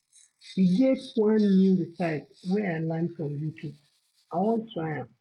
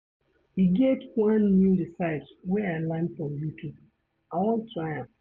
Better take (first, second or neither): second